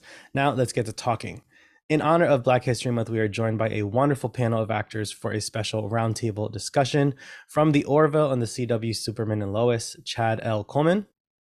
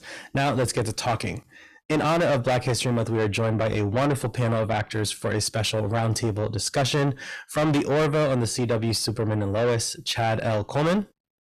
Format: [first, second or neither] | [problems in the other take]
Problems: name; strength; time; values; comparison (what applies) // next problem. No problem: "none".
first | distortion; heavy; 6 dB below the speech